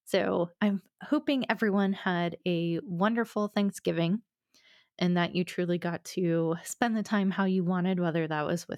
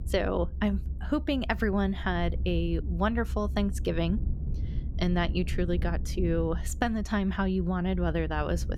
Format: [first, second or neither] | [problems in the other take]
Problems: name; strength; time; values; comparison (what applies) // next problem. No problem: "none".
first | low rumble; noticeable; throughout; 20 dB below the speech